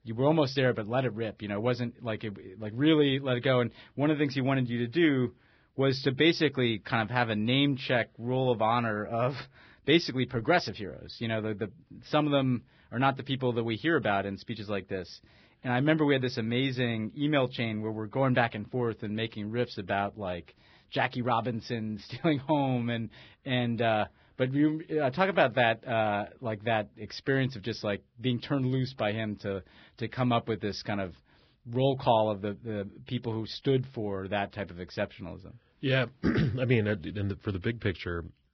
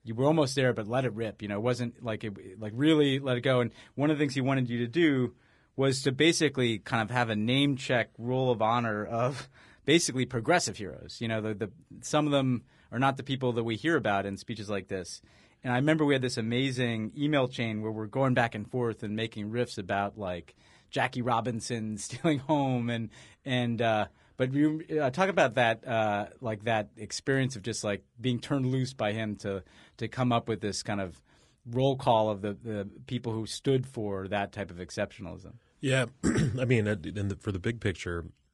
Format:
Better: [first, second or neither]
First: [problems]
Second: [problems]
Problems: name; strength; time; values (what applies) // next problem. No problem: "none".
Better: second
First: garbled, watery; badly; nothing above 5.5 kHz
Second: garbled, watery; slightly; nothing above 10.5 kHz